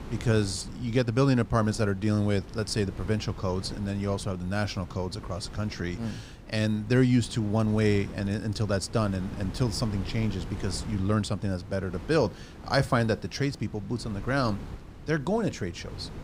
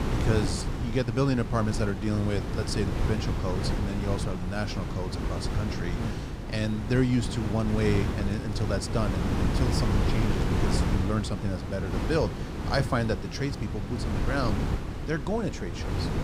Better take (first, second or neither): first